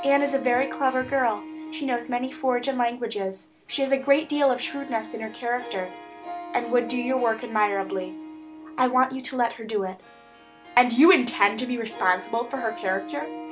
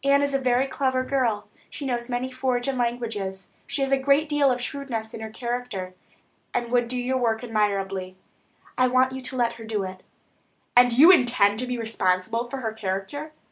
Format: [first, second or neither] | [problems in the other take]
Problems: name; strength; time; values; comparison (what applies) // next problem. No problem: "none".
second | background sound (Harp); 14 dB below the speech